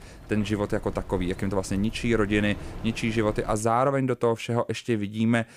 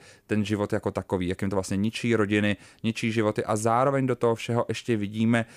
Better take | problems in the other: second | wind in the background; noticeable; until 3.5 s; 15 dB below the speech

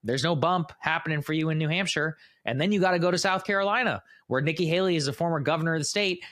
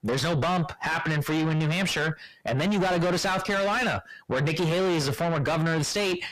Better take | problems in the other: first | distortion; heavy; 6 dB below the speech

